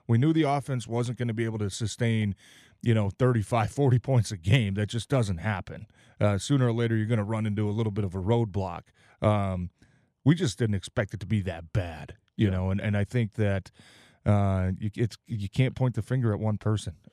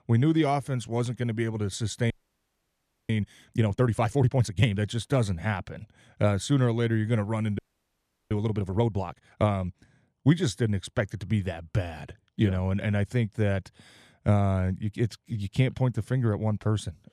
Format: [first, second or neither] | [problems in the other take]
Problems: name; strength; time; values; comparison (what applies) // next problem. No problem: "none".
first | audio freezing; at 2 s for 1 s and at 7.5 s for 0.5 s